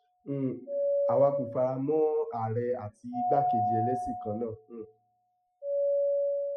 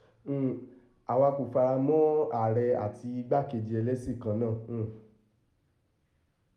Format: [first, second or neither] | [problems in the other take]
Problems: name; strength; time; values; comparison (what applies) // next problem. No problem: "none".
second | noise reduction (classical method spectral subtraction)